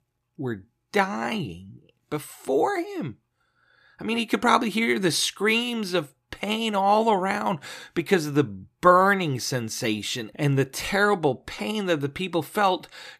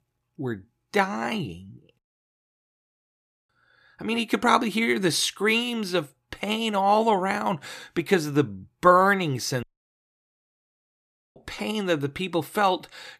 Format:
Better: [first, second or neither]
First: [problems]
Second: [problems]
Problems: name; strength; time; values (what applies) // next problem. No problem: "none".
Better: first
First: none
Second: audio cutting out; at 2 s for 1.5 s and at 9.5 s for 1.5 s